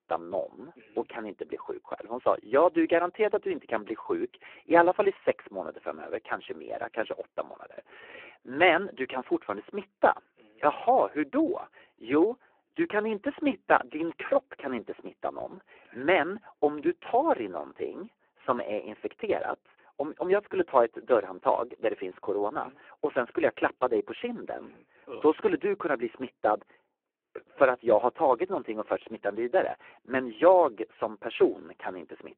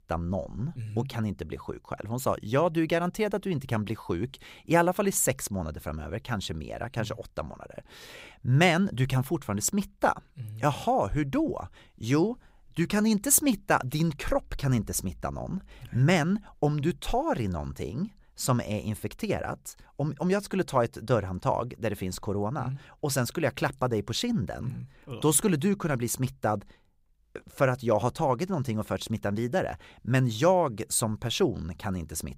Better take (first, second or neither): second